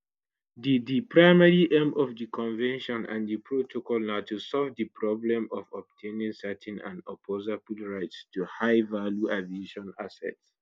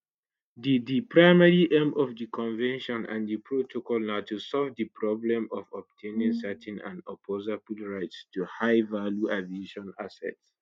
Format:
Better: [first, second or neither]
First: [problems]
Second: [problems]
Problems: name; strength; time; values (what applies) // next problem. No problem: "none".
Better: first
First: none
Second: noise reduction (neural mask model RNNoise)